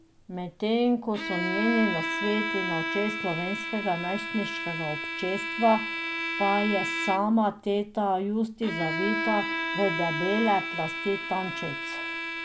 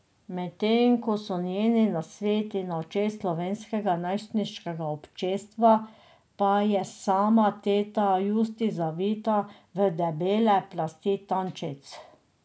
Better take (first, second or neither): second